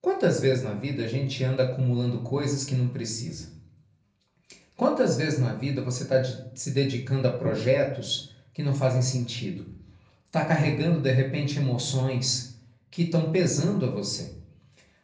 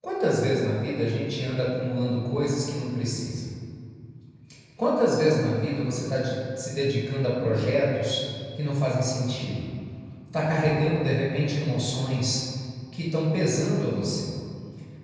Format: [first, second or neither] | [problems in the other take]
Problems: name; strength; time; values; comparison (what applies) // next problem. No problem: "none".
first | room echo; strong; dies away in 2.2 s; slight in the first // off-mic speech; far; far in the first